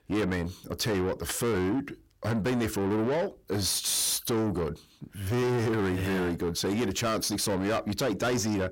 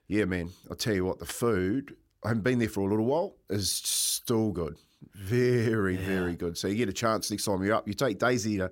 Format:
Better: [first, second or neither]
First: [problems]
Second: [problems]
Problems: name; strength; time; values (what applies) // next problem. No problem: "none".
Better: second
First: distortion; heavy; 8 dB below the speech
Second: none